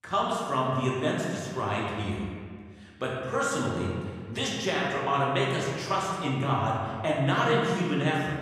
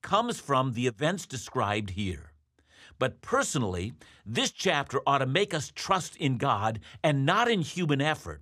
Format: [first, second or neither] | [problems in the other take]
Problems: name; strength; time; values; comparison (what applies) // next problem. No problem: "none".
second | room echo; noticeable; dies away in 1.7 s // off-mic speech; far